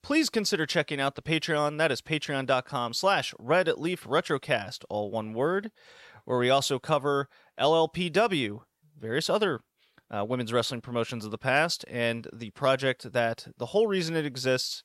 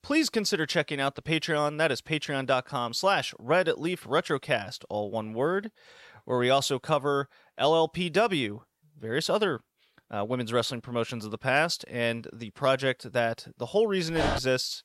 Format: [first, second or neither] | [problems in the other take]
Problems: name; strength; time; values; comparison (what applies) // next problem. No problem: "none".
first | dog barking; noticeable; at 14 s; peak 2 dB below the speech